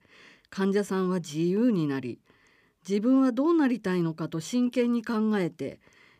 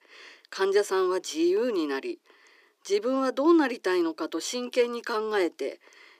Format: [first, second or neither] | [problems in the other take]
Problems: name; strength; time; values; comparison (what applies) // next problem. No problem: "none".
first | thin; somewhat; fading below 350 Hz